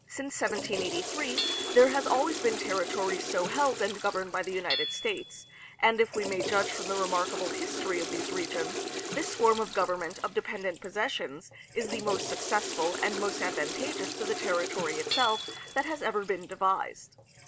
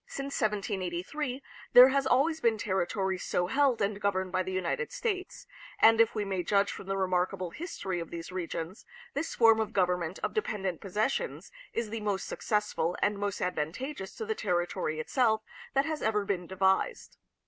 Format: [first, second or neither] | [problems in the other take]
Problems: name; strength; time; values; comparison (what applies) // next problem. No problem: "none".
second | background sound (Hammer / Chink, clink + Toilet flush / Water); 6 dB below the speech